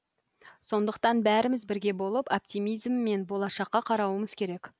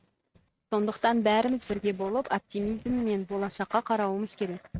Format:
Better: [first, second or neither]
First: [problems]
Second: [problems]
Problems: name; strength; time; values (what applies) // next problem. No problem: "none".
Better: first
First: none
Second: noise reduction (neural mask model RNNoise)